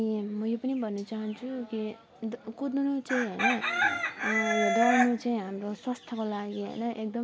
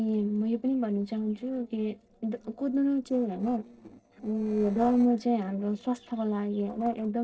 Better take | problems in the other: first | noise reduction (neural separator model SepFormer DNS4)

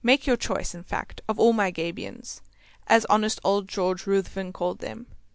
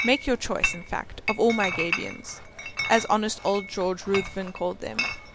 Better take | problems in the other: first | background sound (Chatter / Chink, clink); 6 dB below the speech

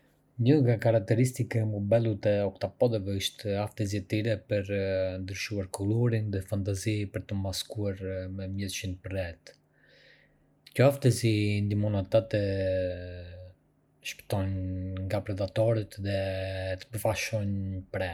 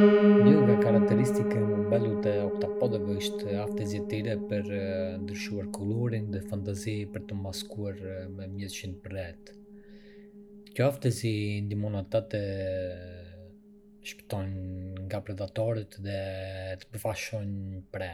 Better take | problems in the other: first | background sound (Piano); 2 dB above the speech

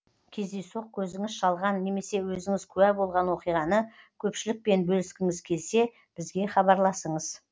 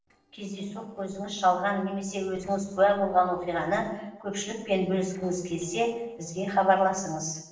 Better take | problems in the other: first | noise reduction (neural separator model SepFormer DNS4)

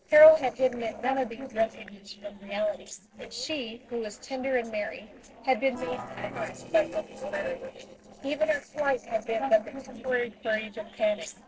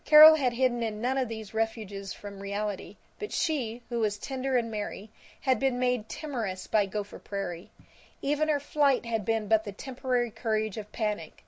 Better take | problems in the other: second | noise reduction (neural separator model SepFormer DNS4)

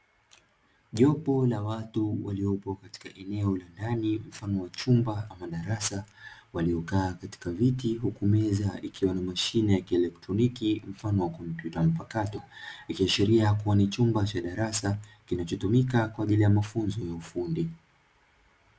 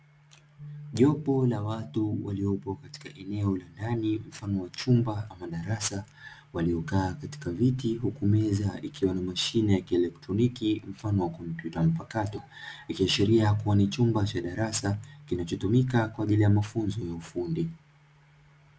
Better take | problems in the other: first | background sound (Bass guitar); 20 dB below the speech

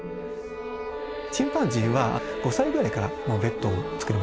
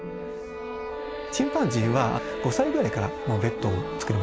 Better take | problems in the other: second | background sound (Telephone); 16 dB below the speech

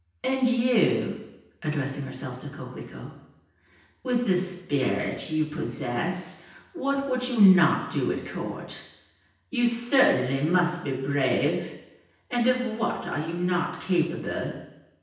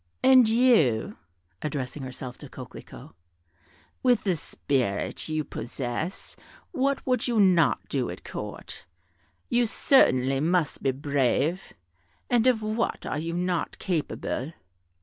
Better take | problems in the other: second | room echo; dies away in 0.9 s

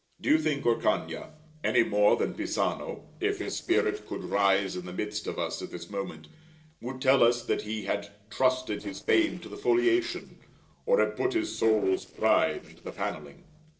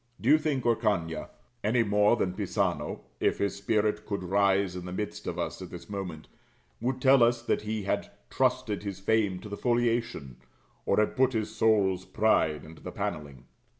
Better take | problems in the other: second | noise reduction (neural separator model SepFormer DNS4)

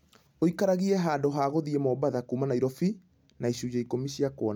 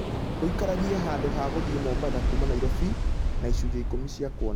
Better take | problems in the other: first | background sound (Waves, surf); 5 dB above the speech

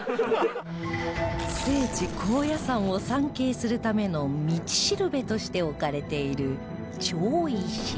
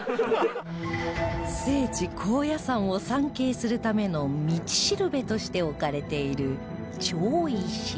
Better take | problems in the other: second | background sound (Tearing + Boom); 15 dB below the speech

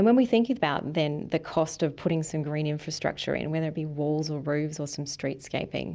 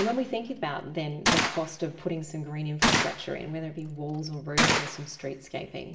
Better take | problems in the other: first | background sound (Gunshot, gunfire); 2 dB above the speech // room echo; dies away in 1.4 s

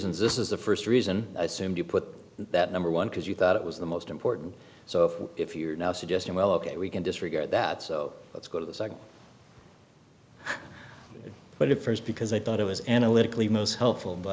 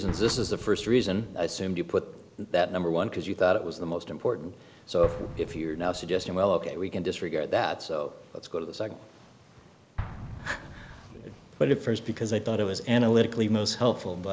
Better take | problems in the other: first | background sound (Explosion); 16 dB below the speech

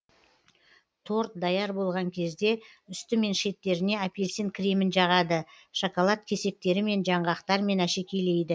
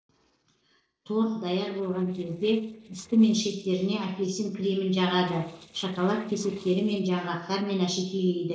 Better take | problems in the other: first | noise reduction (neural separator model SepFormer DNS4)

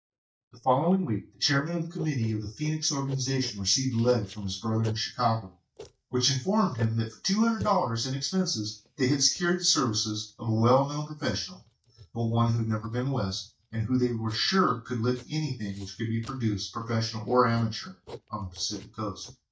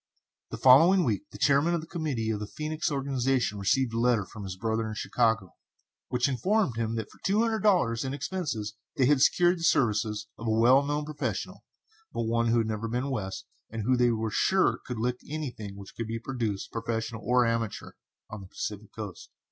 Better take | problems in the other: second | noise reduction (neural mask model DeepFilterNet 3)

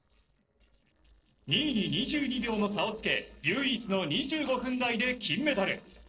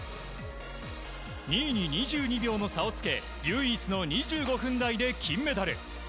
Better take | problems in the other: second | noise reduction (neural separator model SepFormer DNS4)

